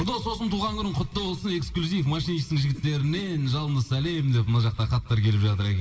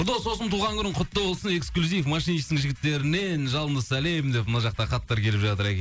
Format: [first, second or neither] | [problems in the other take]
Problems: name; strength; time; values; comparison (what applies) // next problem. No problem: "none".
second | background sound (Whoosh, swoosh, swish); 19 dB below the speech // room echo; dies away in 2.4 s